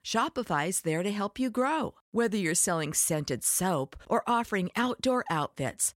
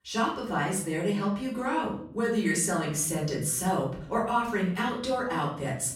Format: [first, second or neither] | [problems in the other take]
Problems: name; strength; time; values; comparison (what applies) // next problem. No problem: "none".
first | off-mic speech; far // room echo; noticeable; dies away in 0.9 s